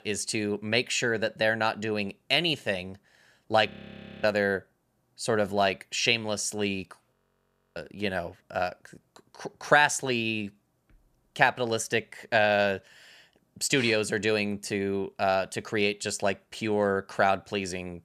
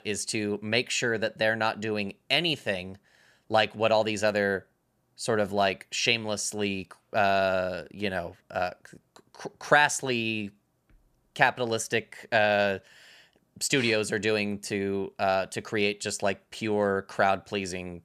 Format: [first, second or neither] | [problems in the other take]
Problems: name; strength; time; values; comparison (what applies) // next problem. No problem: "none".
second | audio freezing; at 3.5 s for 0.5 s and at 7 s for 0.5 s